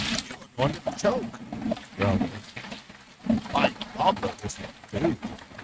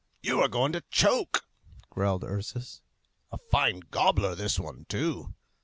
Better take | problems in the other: second | noise reduction (neural mask model RNNoise)

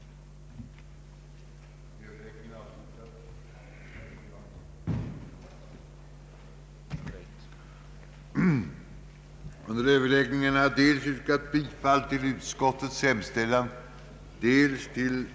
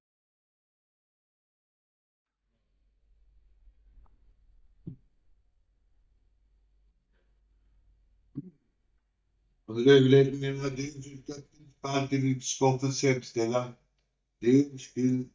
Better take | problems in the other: first | noise reduction (neural mask model DeepFilterNet 3)

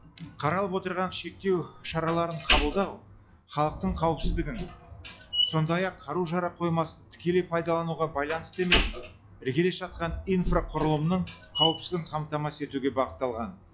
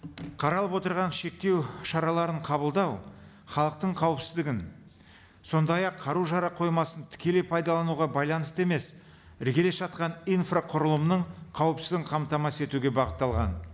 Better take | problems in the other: second | noise reduction (classical method log-MMSE)

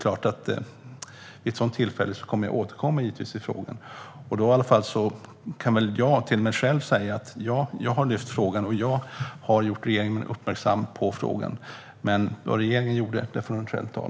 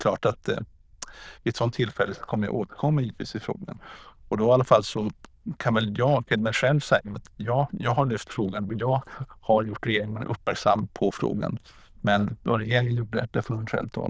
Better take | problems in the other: first | noise reduction (neural diffusion model UNIVERSE++)

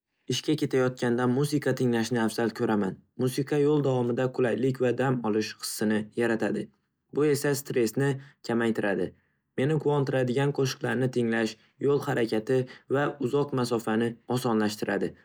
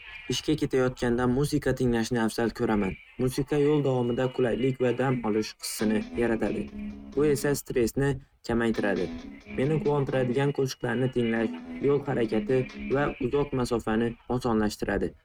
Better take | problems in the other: first | noise reduction (neural mask model RNNoise)

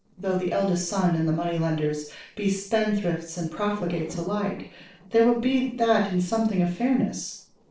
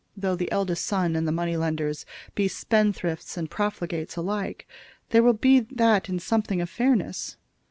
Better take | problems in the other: second | noise reduction (neural separator model SepFormer DNS4)

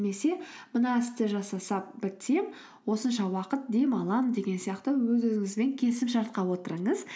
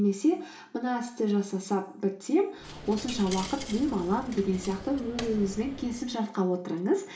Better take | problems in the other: first | background sound (Coin (dropping)); 12 dB below the speech // room echo; dies away in 0.3 s

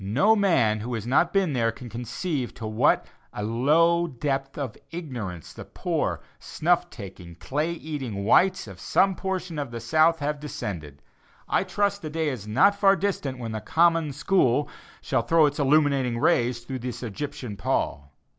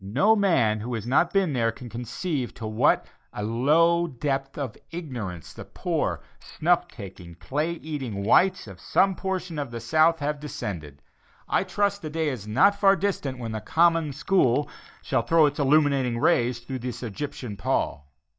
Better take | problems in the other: first | noise reduction (neural mask model DeepFilterNet 3)

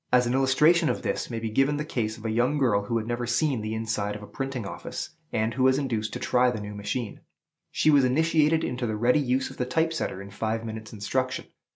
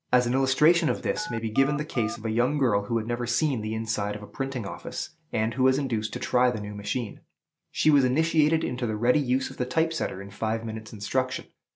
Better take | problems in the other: first | background sound (Telephone); 11 dB below the speech

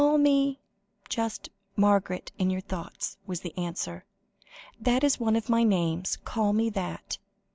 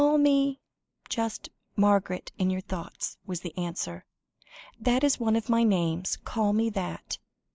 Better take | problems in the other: first | noise reduction (neural mask model Resemble Enhance denoiser)

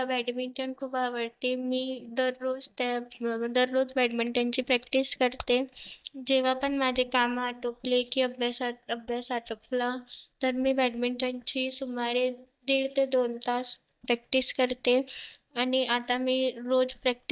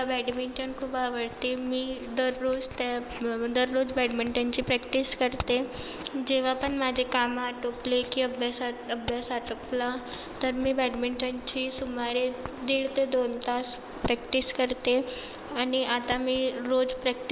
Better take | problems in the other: second | noise reduction (neural mask model DeepFilterNet 3)

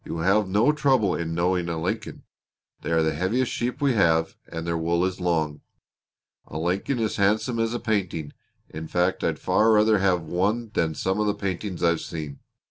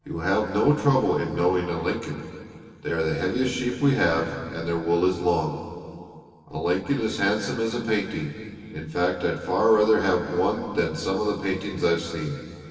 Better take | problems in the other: first | room echo; dies away in 2.5 s

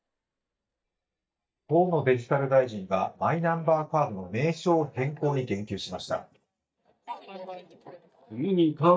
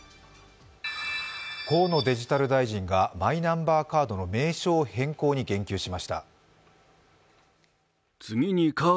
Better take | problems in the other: second | noise reduction (neural mask model DeepFilterNet 3)

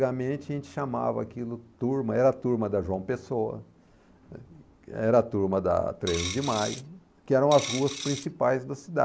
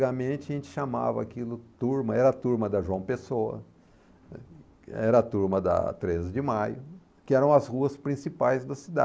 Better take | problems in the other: second | background sound (Coin (dropping)); 9 dB below the speech

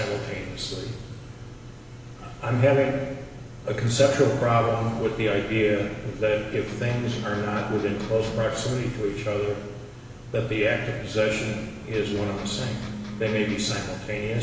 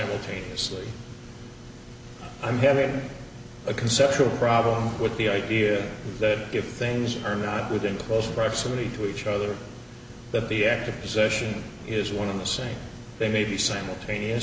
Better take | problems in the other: second | background sound (Electric guitar); 11 dB below the speech // room echo; dies away in 1.4 s

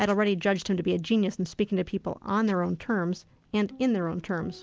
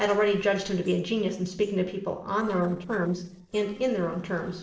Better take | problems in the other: first | noise reduction (neural separator model SepFormer DNS4)

